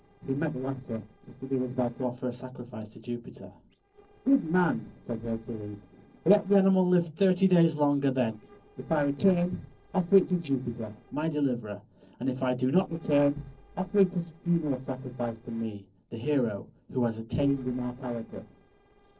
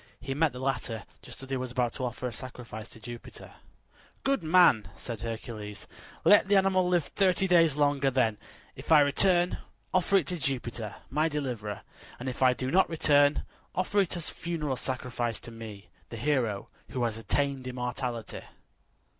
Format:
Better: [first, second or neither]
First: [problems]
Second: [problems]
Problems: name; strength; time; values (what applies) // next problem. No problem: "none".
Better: second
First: noise reduction (neural separator model SepFormer DNS4)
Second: none